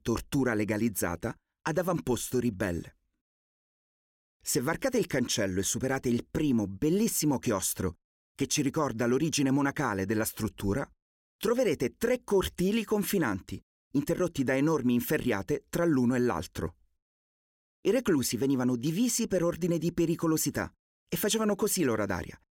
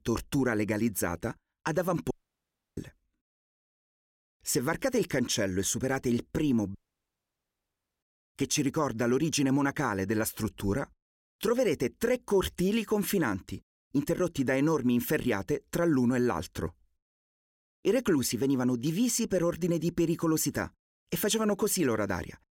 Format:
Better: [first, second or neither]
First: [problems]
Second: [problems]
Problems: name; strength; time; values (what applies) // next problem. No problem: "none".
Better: first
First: none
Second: audio cutting out; at 2 s for 0.5 s and at 7 s for 1.5 s